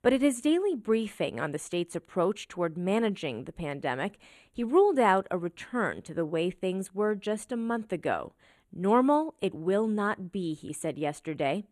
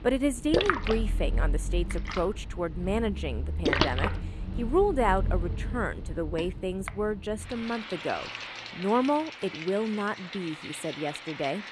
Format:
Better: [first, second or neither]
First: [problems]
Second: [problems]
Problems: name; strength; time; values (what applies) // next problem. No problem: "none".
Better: first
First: none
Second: rain or running water; loud; throughout; 3 dB below the speech